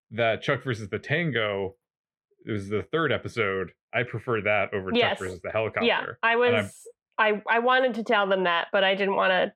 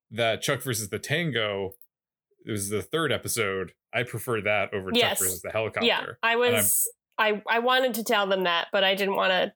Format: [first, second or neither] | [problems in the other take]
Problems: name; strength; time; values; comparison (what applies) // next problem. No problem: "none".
second | muffled; very; fading above 2 kHz